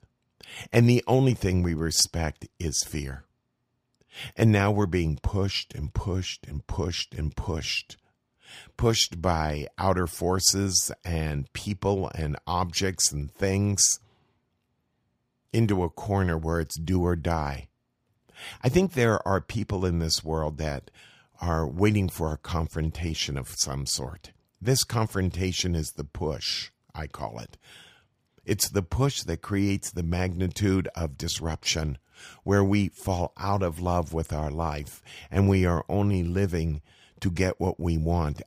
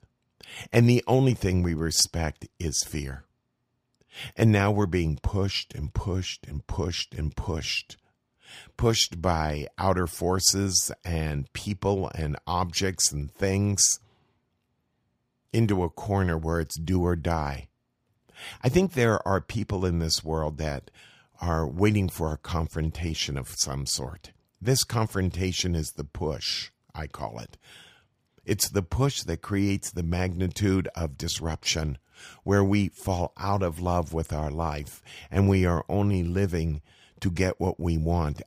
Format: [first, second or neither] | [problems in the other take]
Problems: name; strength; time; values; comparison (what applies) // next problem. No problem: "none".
neither | none